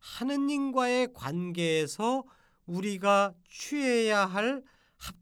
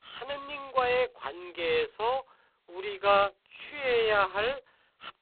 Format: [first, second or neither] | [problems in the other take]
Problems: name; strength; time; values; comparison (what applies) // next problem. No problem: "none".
first | phone-call audio; poor line; nothing above 4 kHz